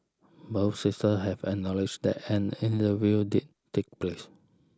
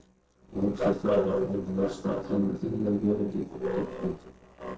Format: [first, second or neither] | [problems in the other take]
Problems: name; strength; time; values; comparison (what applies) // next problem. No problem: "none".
first | noise reduction (neural separator model SepFormer DNS4)